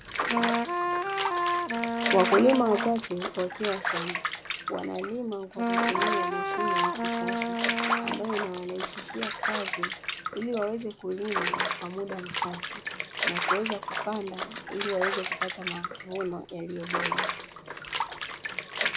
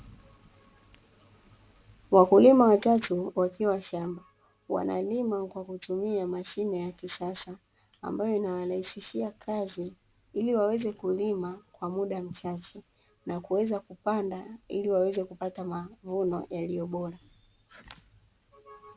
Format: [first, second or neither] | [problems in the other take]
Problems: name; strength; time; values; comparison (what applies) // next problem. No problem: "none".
second | background sound (Wind instrument, woodwind instrument + Bathtub (filling or washing) / Water); 2 dB above the speech